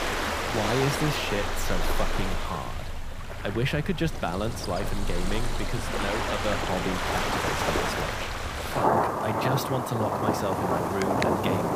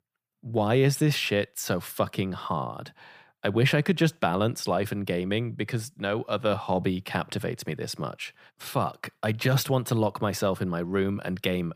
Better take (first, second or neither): second